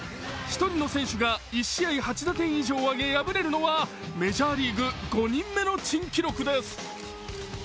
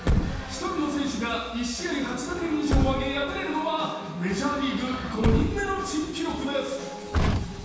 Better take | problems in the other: first | background sound (Truck); 2 dB below the speech // room echo; dies away in 1.2 s

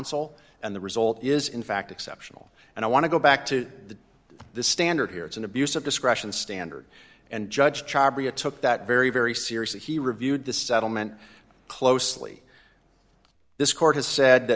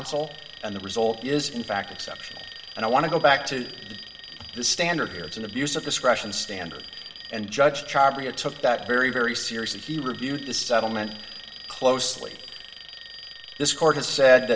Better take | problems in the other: first | background sound (Alarm); 16 dB below the speech // room echo; dies away in 0.7 s

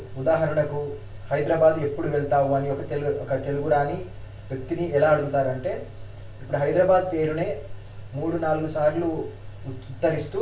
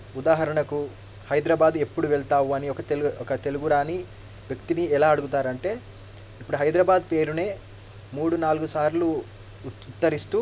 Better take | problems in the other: second | room echo; dies away in 0.4 s

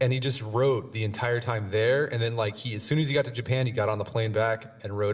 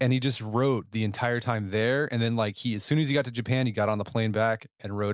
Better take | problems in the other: second | room echo; dies away in 1.7 s

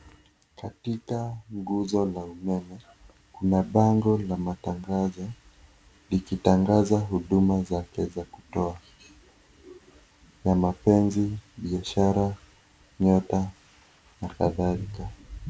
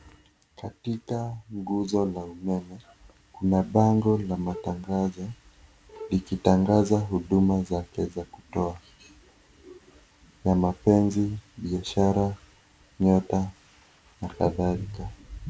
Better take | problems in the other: first | background sound (Bowed string instrument); 20 dB below the speech

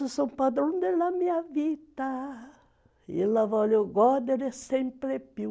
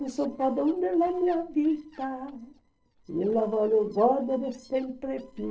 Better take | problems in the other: first | noise reduction (neural separator model SepFormer DNS4)

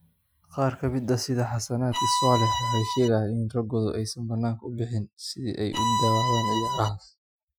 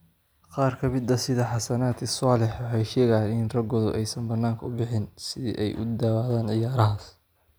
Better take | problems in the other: second | noise reduction (classical method Wiener filter)

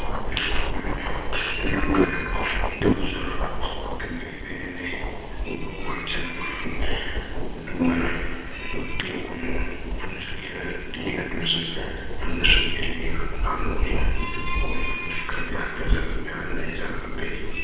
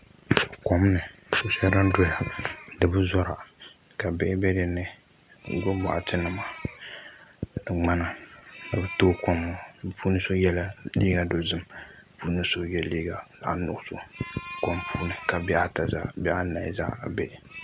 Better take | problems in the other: second | noise reduction (neural separator model SepFormer WHAMR!)

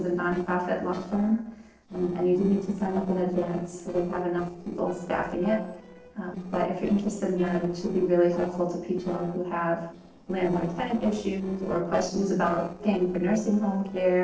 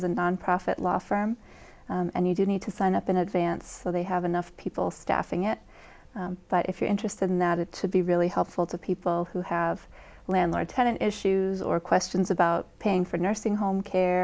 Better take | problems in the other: second | noise reduction (neural separator model SepFormer DNS4)

